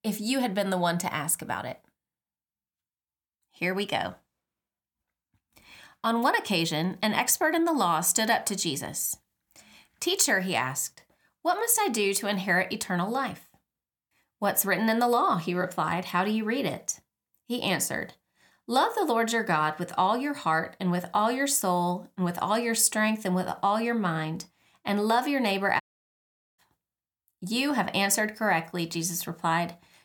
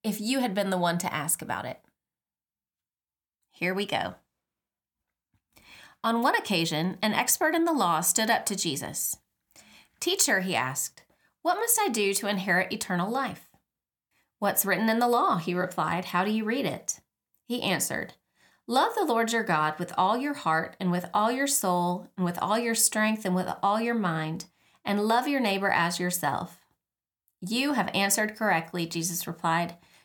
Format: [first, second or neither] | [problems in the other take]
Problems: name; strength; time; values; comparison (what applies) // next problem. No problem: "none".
second | audio cutting out; at 26 s for 1 s